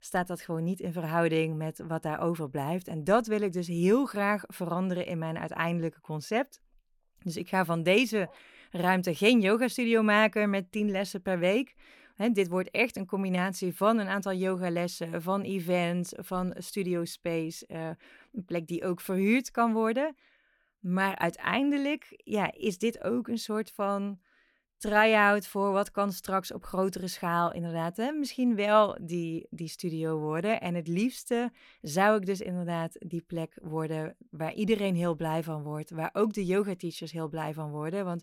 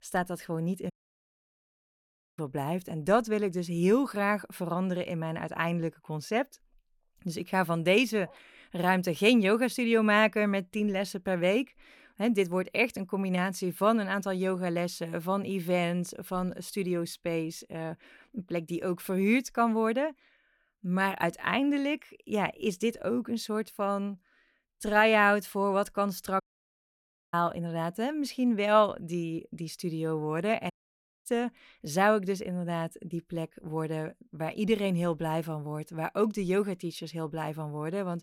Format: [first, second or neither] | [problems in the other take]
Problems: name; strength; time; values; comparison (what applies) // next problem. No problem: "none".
first | audio cutting out; at 1 s for 1.5 s, at 26 s for 1 s and at 31 s for 0.5 s